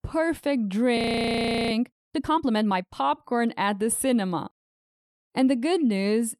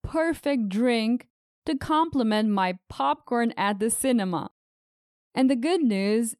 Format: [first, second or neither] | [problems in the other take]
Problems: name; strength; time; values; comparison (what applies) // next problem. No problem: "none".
second | audio freezing; at 1 s for 0.5 s